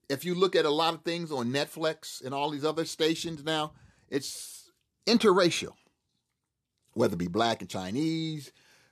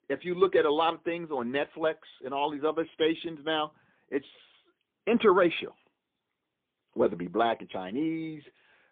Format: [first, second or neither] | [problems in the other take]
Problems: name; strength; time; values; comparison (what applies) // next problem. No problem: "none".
first | phone-call audio; poor line; nothing above 3.5 kHz